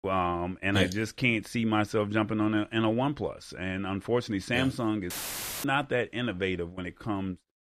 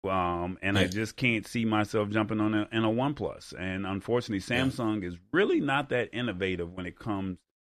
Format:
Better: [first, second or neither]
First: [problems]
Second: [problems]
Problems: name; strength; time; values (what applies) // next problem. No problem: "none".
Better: second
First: audio cutting out; filled with static; at 5 s for 0.5 s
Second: none